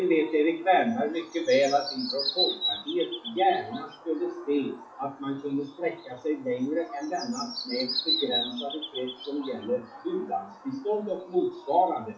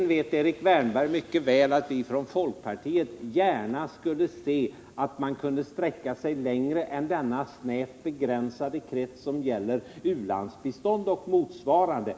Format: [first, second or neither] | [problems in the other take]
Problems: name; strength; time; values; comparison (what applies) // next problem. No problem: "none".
second | noise reduction (classical method WPE with log-MMSE)